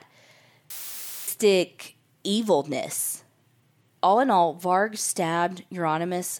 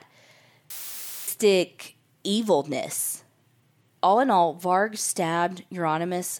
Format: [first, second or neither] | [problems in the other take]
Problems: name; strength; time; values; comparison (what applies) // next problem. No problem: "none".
neither | audio cutting out; filled with static; at 0.5 s for 0.5 s; the same in both